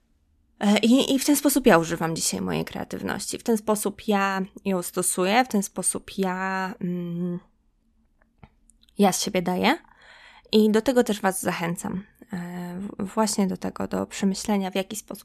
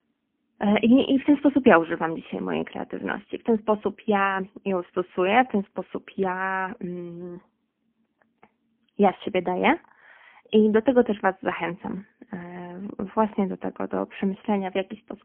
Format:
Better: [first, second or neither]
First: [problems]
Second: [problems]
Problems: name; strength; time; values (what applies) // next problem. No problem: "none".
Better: first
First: none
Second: phone-call audio; poor line; nothing above 3.5 kHz